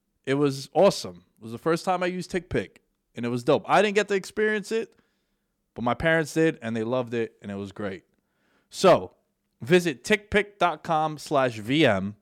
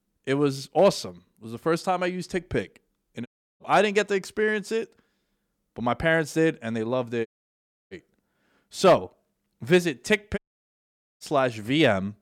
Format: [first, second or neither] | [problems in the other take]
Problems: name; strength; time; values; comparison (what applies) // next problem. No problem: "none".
first | audio cutting out; at 3.5 s, at 7.5 s for 0.5 s and at 10 s for 1 s